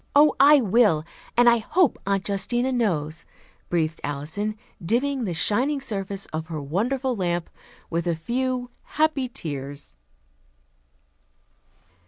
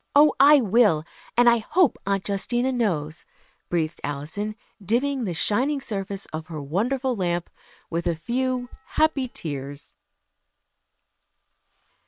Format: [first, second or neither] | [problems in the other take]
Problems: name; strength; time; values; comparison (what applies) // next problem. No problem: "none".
first | noise reduction (neural separator model SepFormer WHAM!)